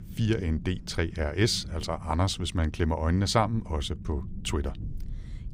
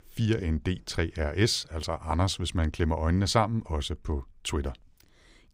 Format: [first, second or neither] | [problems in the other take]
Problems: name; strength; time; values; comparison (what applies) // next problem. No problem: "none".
second | low rumble; faint; throughout; 20 dB below the speech